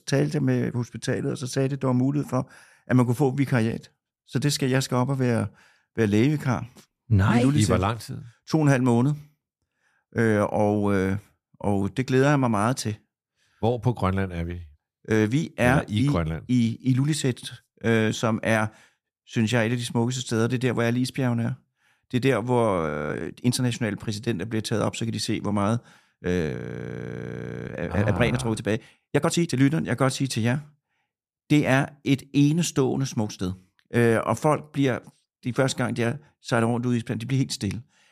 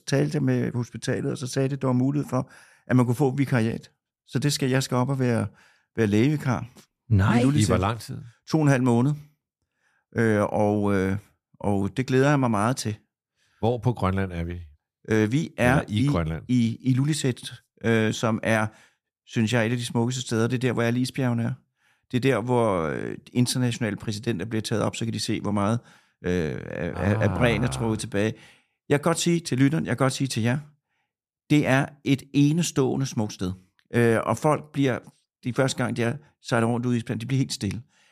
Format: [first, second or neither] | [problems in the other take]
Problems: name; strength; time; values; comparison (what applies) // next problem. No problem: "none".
second | audio freezing; at 23 s and at 27 s for 1 s